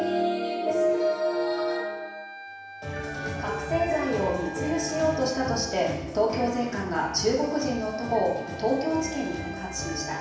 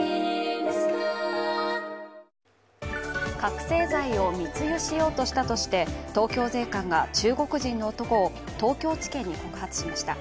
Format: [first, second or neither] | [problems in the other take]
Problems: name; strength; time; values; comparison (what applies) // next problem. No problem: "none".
second | background sound (Wind instrument, woodwind instrument); 15 dB below the speech // room echo; dies away in 0.9 s